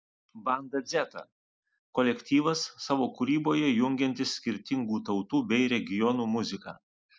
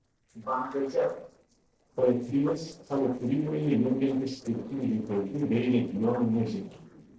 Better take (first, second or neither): first